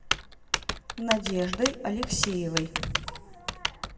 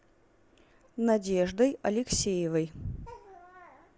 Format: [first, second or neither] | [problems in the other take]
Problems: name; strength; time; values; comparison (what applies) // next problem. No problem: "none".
second | background sound (Typing); 1 dB below the speech // room echo; dies away in 1.1 s